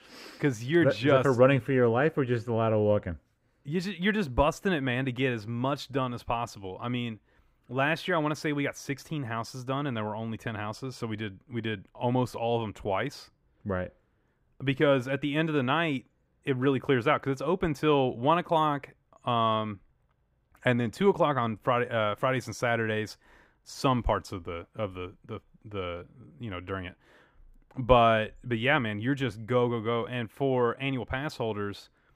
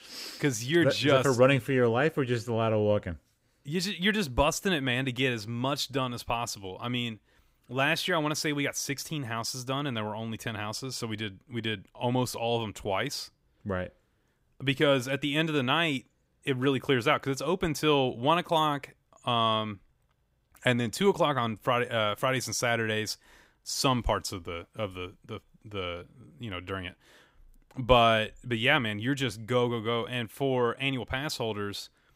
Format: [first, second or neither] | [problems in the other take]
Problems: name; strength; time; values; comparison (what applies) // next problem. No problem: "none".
second | muffled; slightly; fading above 3 kHz